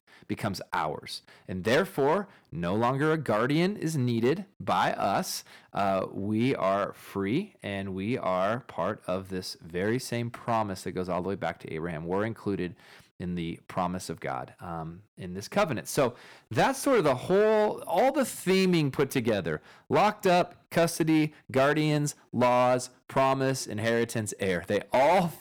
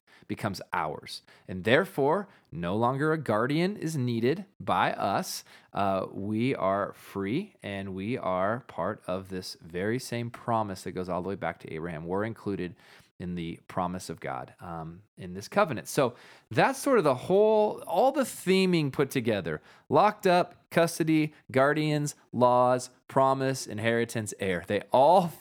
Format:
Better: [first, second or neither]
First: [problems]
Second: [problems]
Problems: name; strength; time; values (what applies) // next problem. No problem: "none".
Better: second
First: distortion; slight; 5% of the sound clipped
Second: none